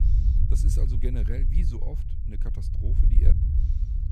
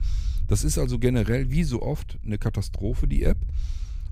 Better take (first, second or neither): second